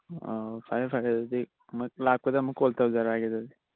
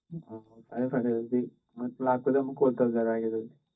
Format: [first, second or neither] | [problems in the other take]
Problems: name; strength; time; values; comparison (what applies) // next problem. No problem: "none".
first | noise reduction (neural mask model DeepFilterNet 3)